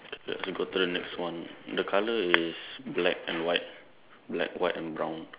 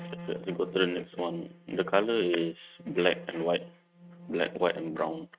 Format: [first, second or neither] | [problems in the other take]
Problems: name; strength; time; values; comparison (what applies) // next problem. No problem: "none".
first | noise reduction (neural mask model RNNoise)